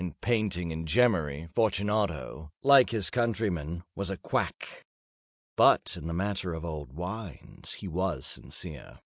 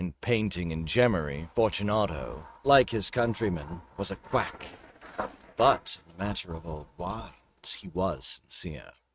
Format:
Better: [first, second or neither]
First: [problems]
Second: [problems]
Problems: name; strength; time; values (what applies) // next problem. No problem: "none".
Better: first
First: none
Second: noise reduction (neural mask model RNNoise)